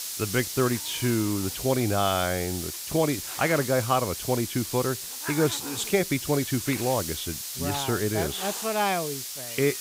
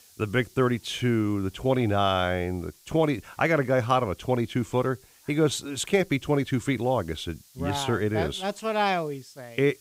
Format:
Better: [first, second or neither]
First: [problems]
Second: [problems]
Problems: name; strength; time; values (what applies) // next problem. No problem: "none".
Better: second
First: hiss; loud; throughout; 5 dB below the speech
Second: hiss; faint; throughout; 25 dB below the speech